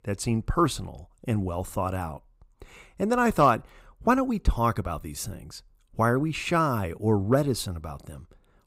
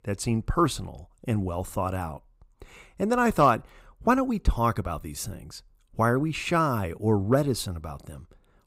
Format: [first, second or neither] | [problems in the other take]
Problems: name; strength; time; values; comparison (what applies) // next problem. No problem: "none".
neither | none